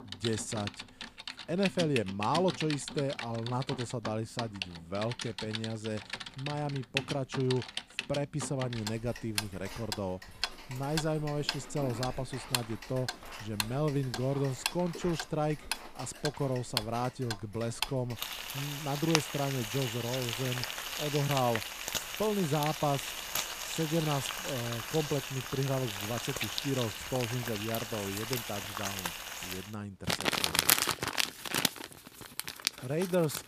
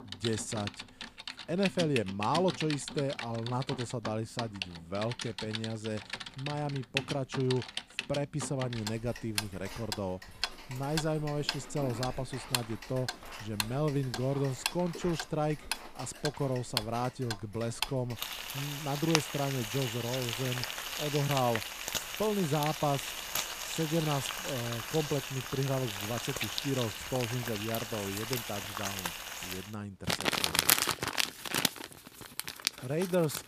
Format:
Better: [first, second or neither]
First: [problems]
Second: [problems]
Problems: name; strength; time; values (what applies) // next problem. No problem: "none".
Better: neither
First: household noises; loud; throughout; 1 dB below the speech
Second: household noises; loud; throughout; 1 dB below the speech